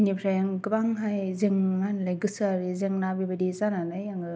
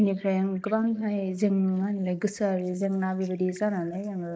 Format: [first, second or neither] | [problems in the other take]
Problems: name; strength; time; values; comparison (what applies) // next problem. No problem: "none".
first | noise reduction (neural mask model Resemble Enhance denoiser)